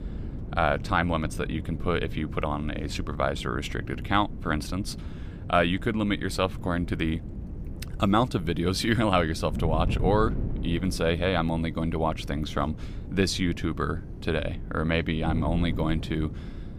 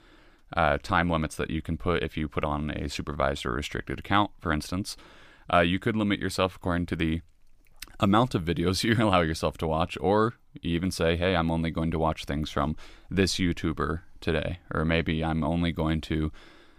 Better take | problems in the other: second | wind noise on the microphone; occasional gusts; 15 dB below the speech

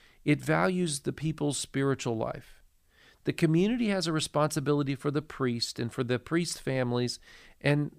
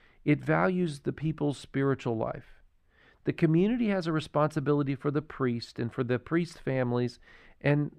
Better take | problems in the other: first | muffled; slightly; fading above 4 kHz

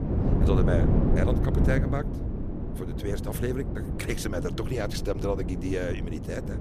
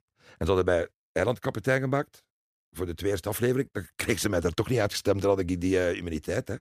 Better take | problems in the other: second | wind noise on the microphone; heavy; 3 dB below the speech

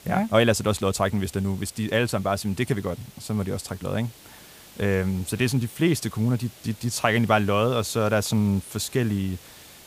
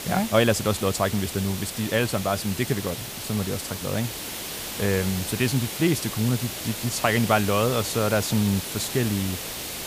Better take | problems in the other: first | hiss; loud; throughout; 6 dB below the speech; faint in the first

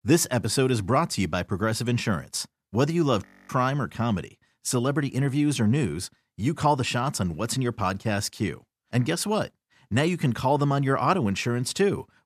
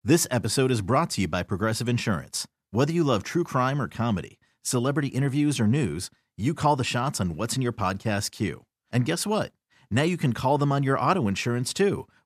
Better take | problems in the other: second | audio freezing; at 3.5 s

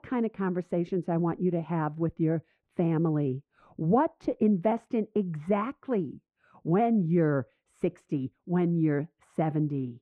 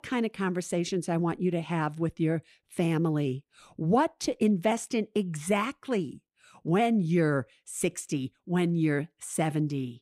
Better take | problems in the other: second | muffled; very; fading above 3 kHz

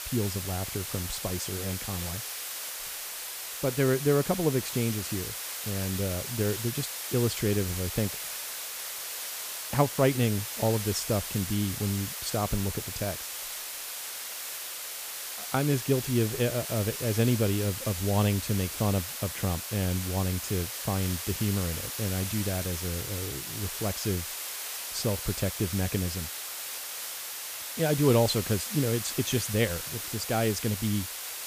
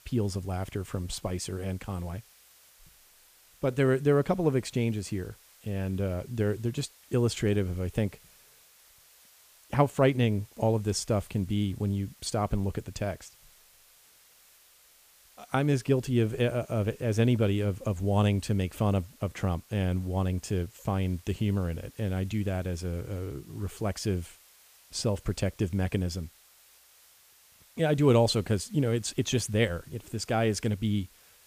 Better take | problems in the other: second | hiss; loud; throughout; 4 dB below the speech; faint in the second

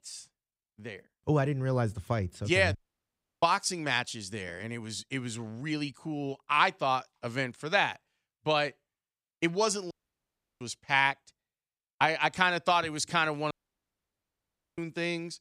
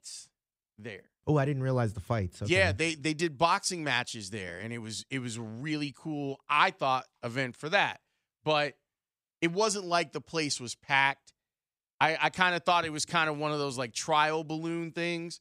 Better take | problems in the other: second | audio cutting out; at 3 s for 0.5 s, at 10 s for 0.5 s and at 14 s for 1.5 s

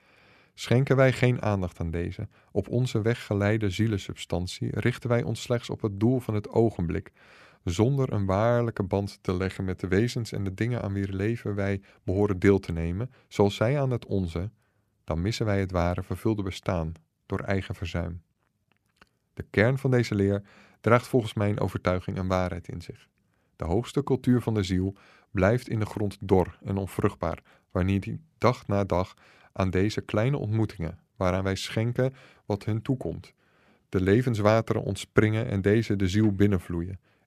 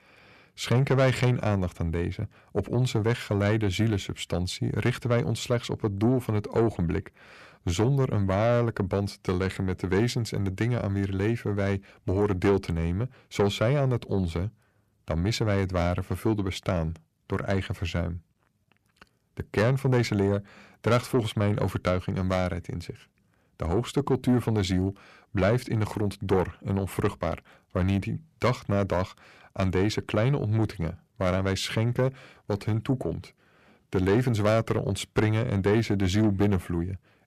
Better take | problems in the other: first | distortion; slight; 10 dB below the speech

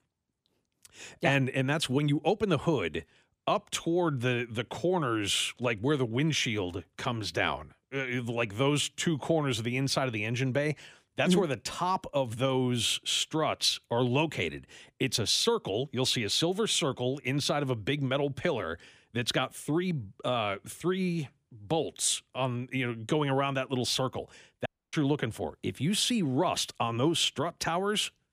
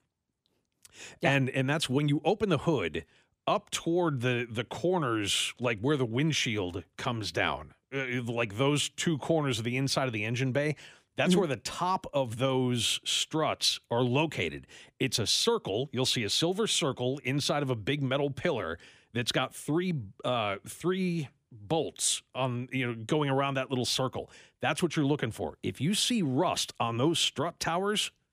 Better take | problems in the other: second | audio cutting out; at 25 s

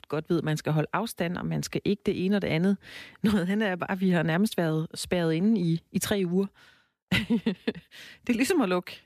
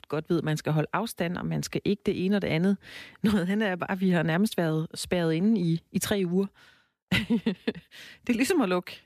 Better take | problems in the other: neither | none

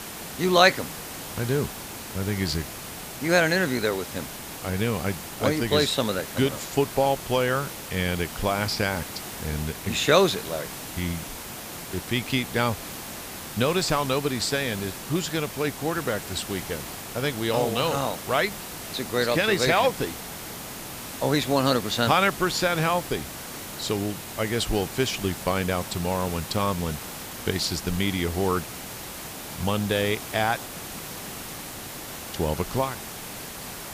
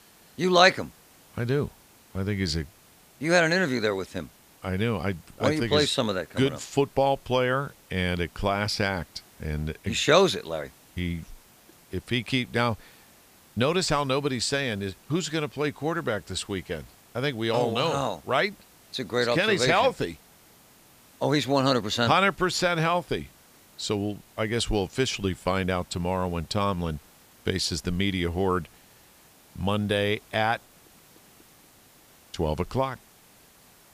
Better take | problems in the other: second | hiss; loud; throughout; 10 dB below the speech; faint in the second

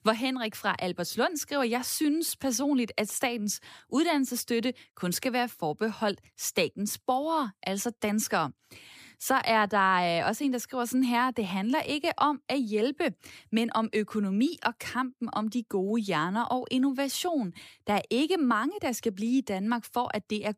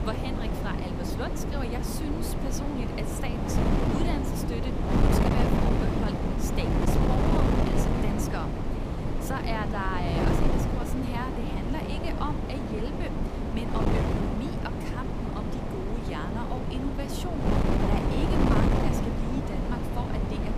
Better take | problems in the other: first | wind noise on the microphone; heavy; 4 dB above the speech

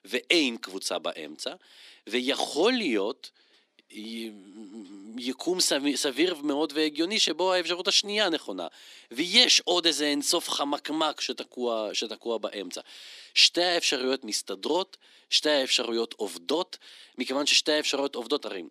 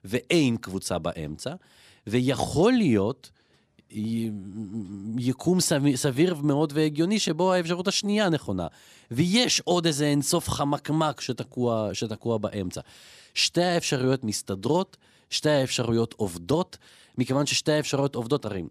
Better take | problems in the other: second | thin; very slightly; fading below 250 Hz

